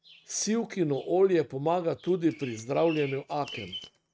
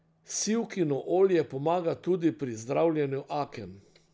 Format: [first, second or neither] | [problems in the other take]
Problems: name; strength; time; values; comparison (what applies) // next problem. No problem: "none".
second | noise reduction (neural mask model RNNoise)